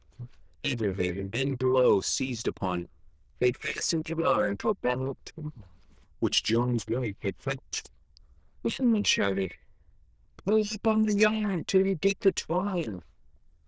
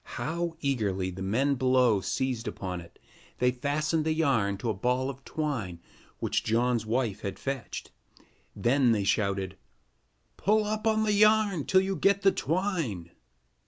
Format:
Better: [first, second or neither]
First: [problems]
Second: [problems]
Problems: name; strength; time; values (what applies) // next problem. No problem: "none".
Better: second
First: noise reduction (neural diffusion model UNIVERSE++)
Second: none